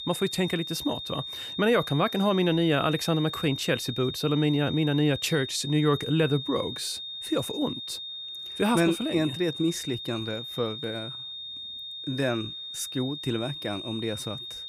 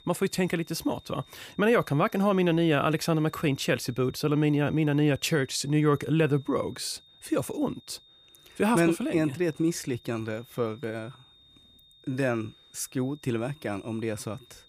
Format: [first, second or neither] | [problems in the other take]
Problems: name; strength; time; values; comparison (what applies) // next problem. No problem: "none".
second | high-pitched whine; loud; throughout; 3.5 kHz, 7 dB below the speech; faint in the second